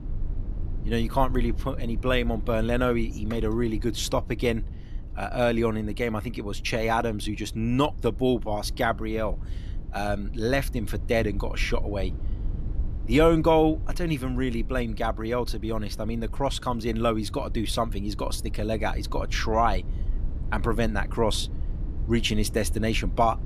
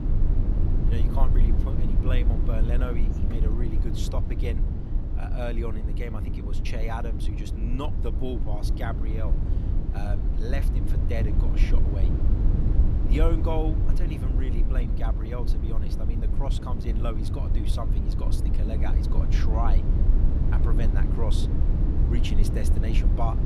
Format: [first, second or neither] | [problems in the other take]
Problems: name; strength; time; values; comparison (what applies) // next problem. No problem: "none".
first | low rumble; loud; throughout; 3 dB below the speech; faint in the first